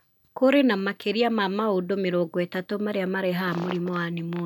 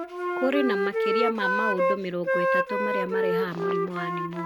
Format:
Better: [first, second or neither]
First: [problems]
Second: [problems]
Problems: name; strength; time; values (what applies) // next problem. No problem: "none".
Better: first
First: none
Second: background sound (Wind instrument, woodwind instrument); 4 dB above the speech